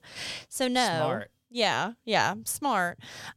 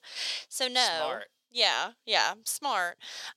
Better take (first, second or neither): first